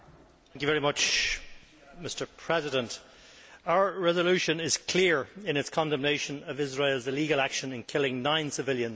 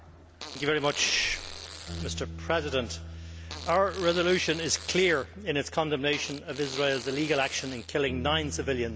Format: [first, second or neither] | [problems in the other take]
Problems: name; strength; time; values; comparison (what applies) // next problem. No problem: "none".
first | background sound (Bass guitar + Fart); 11 dB below the speech